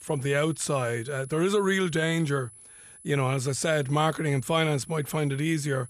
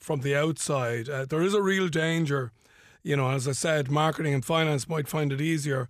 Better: second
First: high-pitched whine; noticeable; throughout; 10 kHz, 20 dB below the speech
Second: none

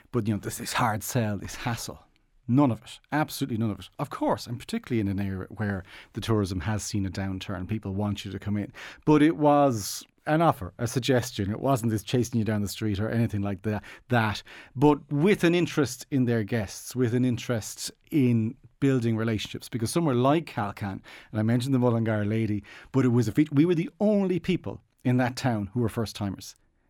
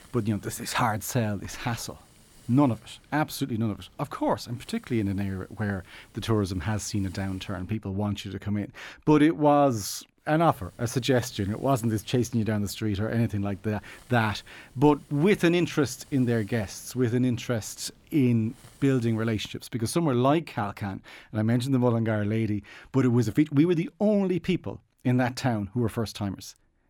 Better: first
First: none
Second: hiss; faint; until 7.5 s and from 10 to 19 s; 30 dB below the speech

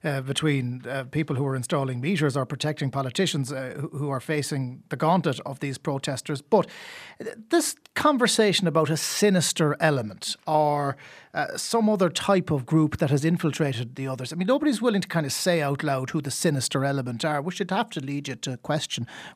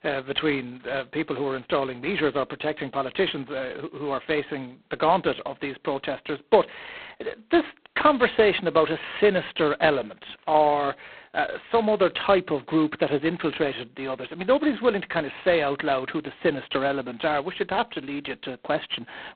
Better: first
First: none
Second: phone-call audio; poor line; nothing above 4 kHz

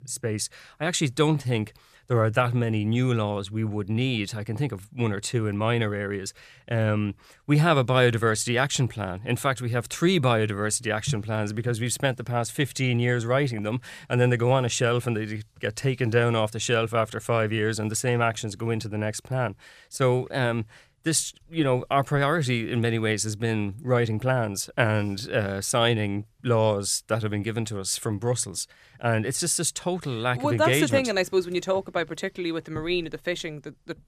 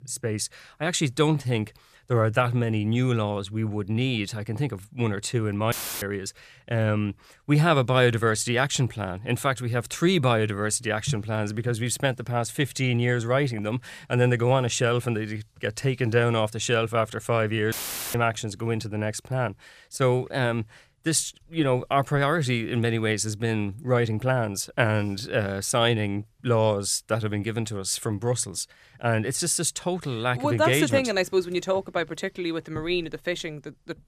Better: first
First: none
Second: audio cutting out; filled with static; at 5.5 s and at 18 s

